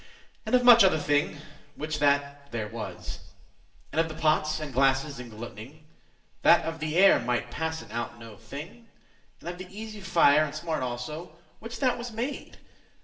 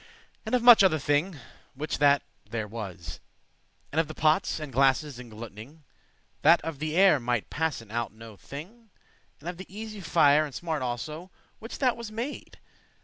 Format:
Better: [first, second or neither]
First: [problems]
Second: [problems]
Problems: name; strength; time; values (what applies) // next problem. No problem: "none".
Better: second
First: room echo; dies away in 0.8 s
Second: none